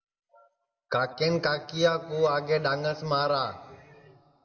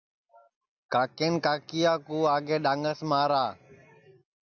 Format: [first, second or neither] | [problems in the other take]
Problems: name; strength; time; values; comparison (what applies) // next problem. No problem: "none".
second | room echo; dies away in 0.7 s